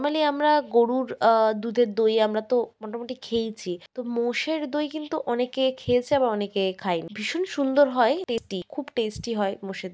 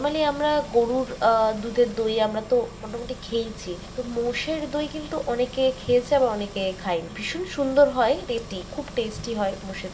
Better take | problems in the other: first | background sound (Engine); 15 dB below the speech // room echo; dies away in 0.4 s

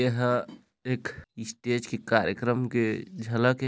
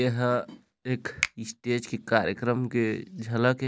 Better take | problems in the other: first | background sound (Finger snapping); 12 dB below the speech

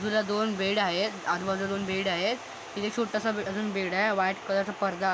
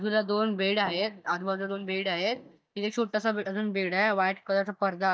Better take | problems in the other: first | noise reduction (neural mask model DeepFilterNet 3)

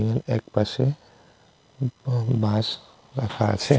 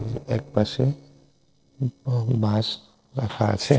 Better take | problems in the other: first | noise reduction (neural separator model SepFormer DNS4)

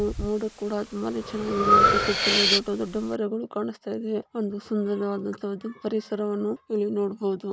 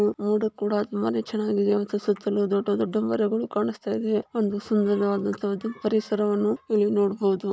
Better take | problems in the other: second | background sound (Breathing); as loud as the speech

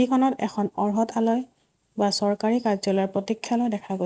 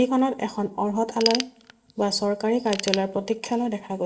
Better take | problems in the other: first | background sound (Ratchet, pawl / Tools); 11 dB below the speech // room echo; dies away in 0.4 s

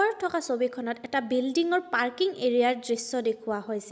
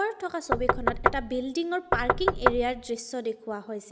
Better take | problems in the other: first | background sound (Knock); 3 dB above the speech

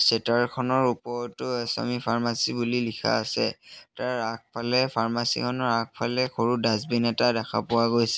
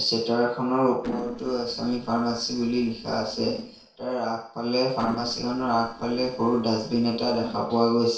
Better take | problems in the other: first | noise reduction (neural separator model SepFormer DNS4)

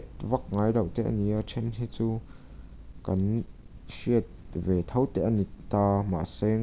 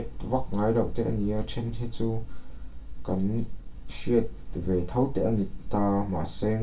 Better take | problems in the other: first | room echo; dies away in 0.3 s

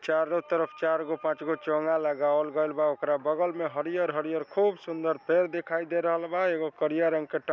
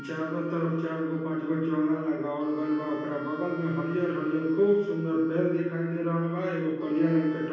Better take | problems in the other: first | background sound (Wind instrument, woodwind instrument); 20 dB below the speech // room echo; dies away in 1.2 s

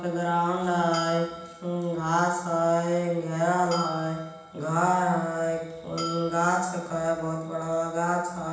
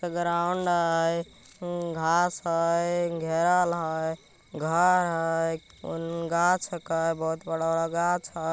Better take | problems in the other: second | background sound (Bell); 15 dB below the speech // room echo; dies away in 0.9 s

